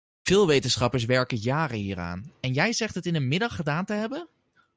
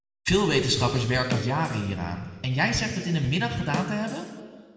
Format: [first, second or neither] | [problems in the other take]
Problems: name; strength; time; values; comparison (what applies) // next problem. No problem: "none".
first | background sound (Drum kit); 11 dB below the speech // room echo; dies away in 1.4 s